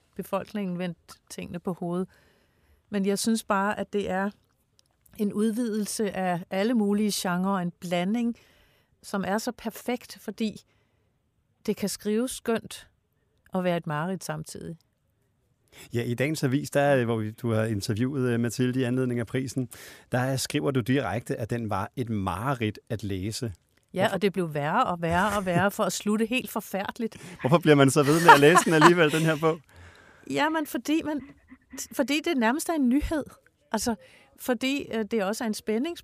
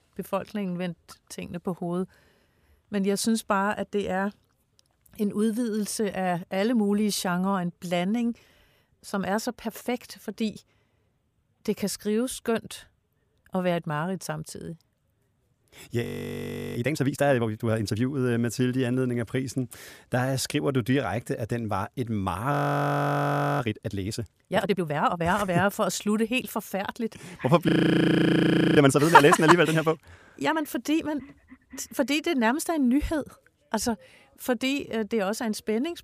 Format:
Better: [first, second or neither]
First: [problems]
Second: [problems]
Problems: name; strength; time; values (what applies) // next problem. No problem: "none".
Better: first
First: none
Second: audio freezing; at 16 s for 0.5 s, at 23 s for 1 s and at 28 s for 1 s